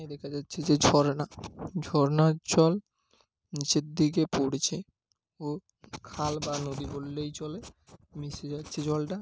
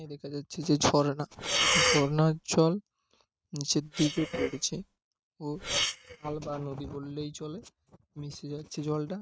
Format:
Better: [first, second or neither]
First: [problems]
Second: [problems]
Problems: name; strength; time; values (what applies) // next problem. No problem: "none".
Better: first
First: none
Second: noise reduction (neural mask model RNNoise)